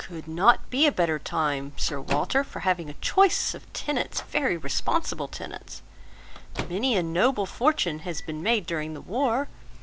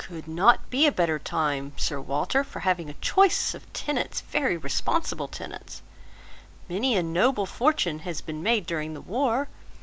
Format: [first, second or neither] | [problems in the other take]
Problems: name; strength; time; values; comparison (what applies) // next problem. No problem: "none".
second | background sound (Microwave oven); 17 dB below the speech